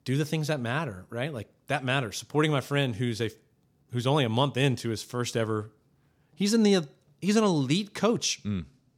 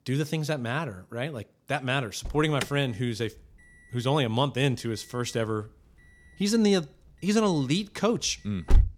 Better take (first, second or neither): first